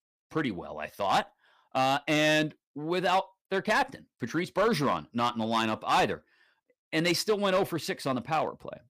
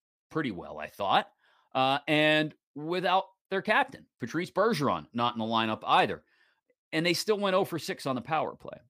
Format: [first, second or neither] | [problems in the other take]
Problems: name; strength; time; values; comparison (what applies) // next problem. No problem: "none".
second | distortion; slight; 4% of the sound clipped